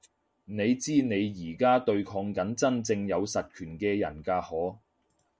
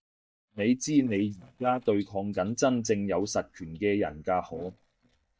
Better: first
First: none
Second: noise reduction (neural mask model DeepFilterNet 3)

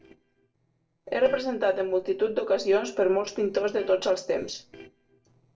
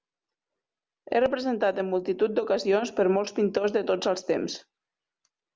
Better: second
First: noise reduction (neural separator model SepFormer DNS4)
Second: none

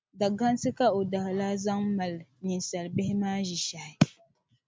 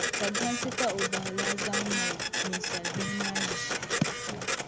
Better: first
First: none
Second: background sound (Printer); 4 dB above the speech

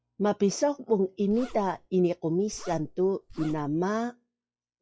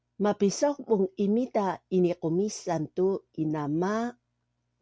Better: second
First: noise reduction (classical method log-MMSE)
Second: none

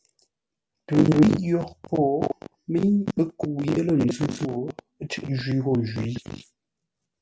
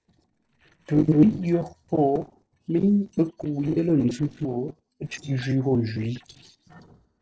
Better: first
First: none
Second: noise reduction (neural separator model SepFormer DNS4)

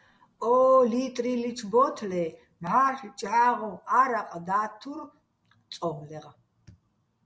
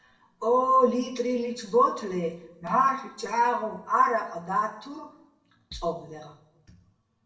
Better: first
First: none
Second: background sound (Bass drum); 18 dB below the speech // room echo; dies away in 0.7 s

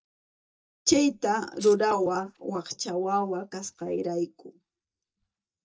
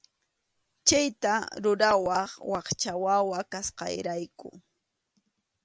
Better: second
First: noise reduction (neural mask model DeepFilterNet 3)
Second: none

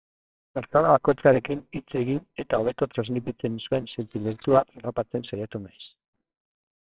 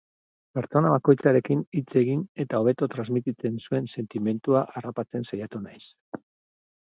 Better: second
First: noise reduction (neural separator model SepFormer WHAMR!)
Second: none

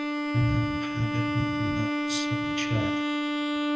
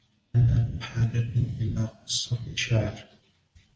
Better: second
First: background sound (Bowed string instrument); 3 dB above the speech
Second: none

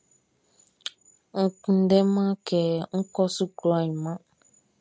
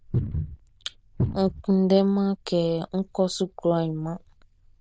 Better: first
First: none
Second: noise reduction (neural diffusion model UNIVERSE++)

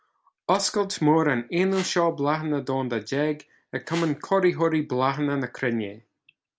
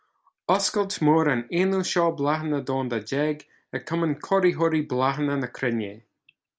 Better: second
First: background sound (Whoosh, swoosh, swish); 17 dB below the speech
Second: none

